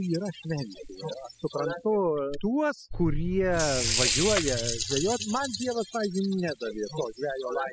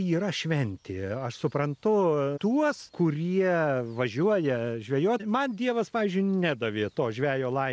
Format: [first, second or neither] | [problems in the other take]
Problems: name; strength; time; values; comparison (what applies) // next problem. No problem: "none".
second | noise reduction (classical method spectral subtraction)